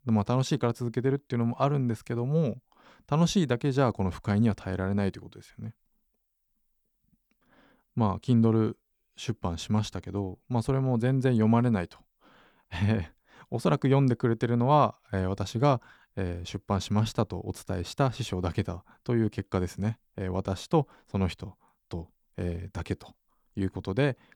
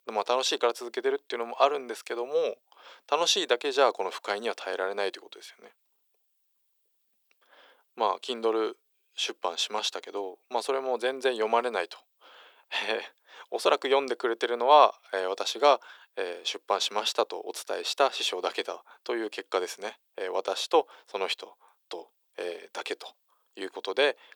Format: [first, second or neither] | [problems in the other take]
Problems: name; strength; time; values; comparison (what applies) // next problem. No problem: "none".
first | thin; very; fading below 400 Hz